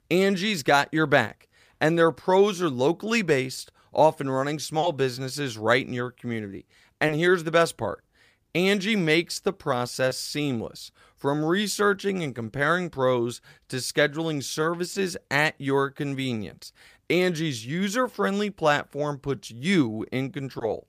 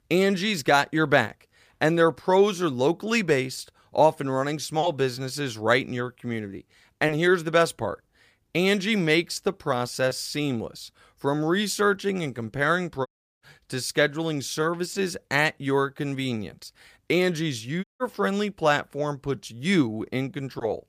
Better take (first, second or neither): first